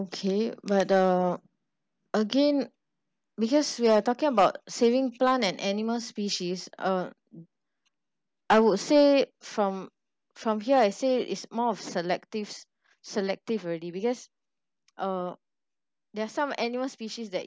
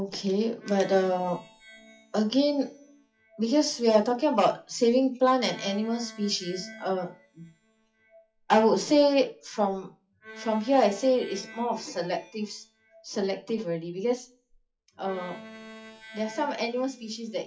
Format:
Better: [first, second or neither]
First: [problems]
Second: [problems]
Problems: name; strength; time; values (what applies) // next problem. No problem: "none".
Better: first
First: none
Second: noise reduction (classical method WPE with log-MMSE)